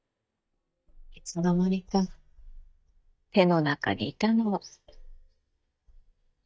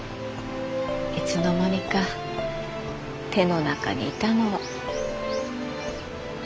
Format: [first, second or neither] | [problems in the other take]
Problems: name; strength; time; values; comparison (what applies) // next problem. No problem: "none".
second | noise reduction (neural mask model DeepFilterNet 3)